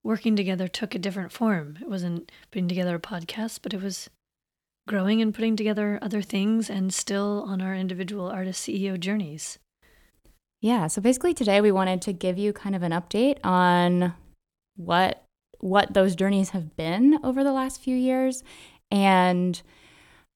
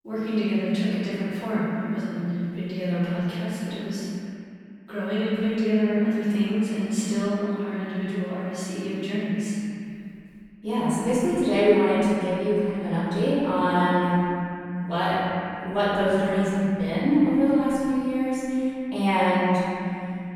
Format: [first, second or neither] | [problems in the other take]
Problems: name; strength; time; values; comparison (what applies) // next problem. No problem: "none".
first | room echo; strong; dies away in 2.8 s // off-mic speech; far